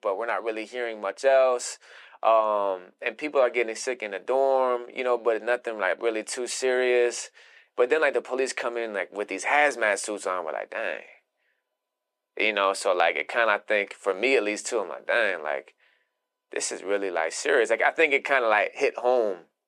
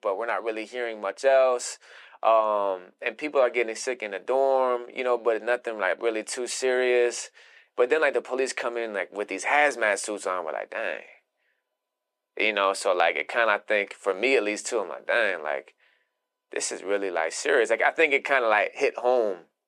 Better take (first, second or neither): neither